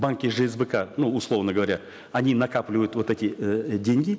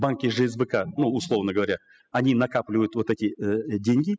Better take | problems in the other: first | noise reduction (classical method spectral subtraction)

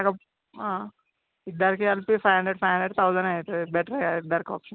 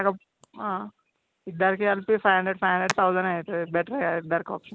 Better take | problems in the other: first | background sound (Hands); 17 dB below the speech

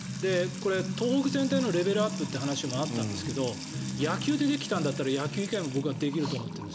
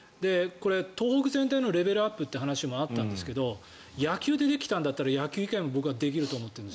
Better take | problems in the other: second | background sound (Trickle, dribble / Water tap, faucet / Music); 5 dB below the speech

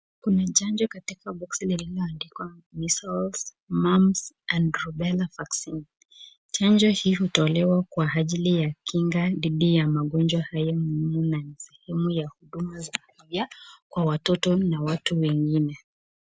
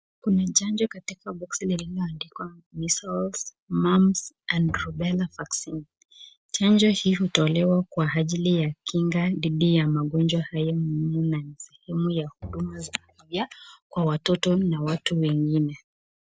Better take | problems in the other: first | noise reduction (neural separator model SepFormer DNS4)

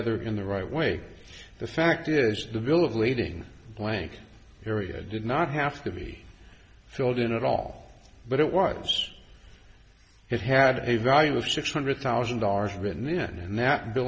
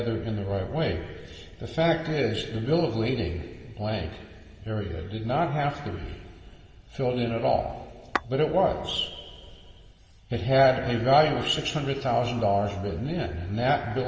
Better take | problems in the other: first | background sound (Tap / Glass); 10 dB below the speech // room echo; dies away in 2.9 s

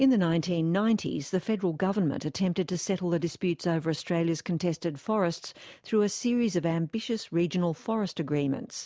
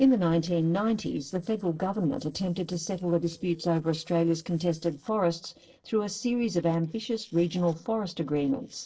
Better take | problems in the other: first | noise reduction (neural separator model SepFormer DNS4)

